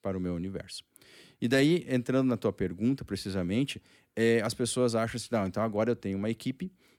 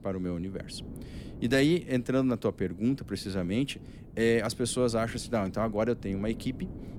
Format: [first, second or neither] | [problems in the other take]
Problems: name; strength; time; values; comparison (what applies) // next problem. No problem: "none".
first | wind noise on the microphone; occasional gusts; 20 dB below the speech